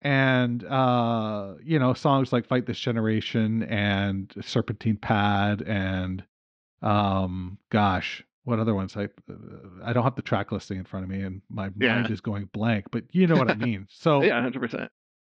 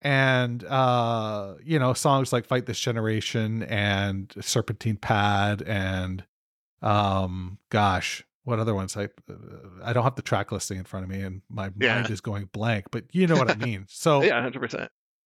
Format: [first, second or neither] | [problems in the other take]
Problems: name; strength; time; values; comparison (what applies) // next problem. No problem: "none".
second | muffled; slightly; fading above 4 kHz